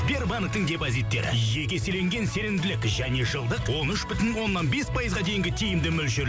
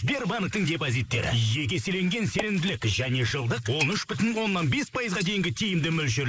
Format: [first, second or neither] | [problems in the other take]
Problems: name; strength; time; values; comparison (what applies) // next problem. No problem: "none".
first | noise reduction (neural mask model Resemble Enhance denoiser)